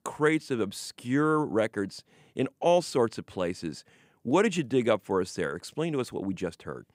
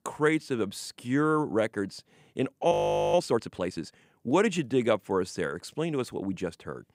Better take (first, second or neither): first